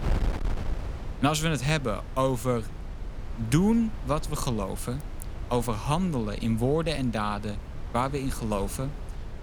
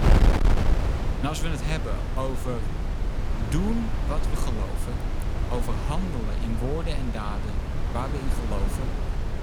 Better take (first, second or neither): first